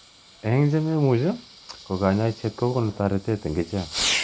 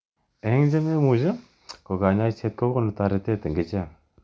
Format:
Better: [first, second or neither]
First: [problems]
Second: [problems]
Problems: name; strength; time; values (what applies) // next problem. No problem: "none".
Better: second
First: background sound (Fireworks); 10 dB below the speech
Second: none